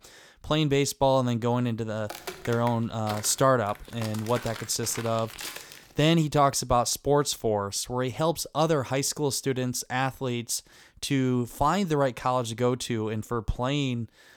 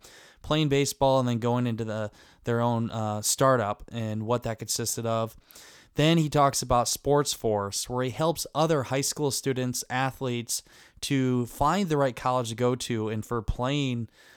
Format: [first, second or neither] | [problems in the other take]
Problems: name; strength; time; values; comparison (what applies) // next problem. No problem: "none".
second | footsteps; faint; from 2 to 6 s; peak 10 dB below the speech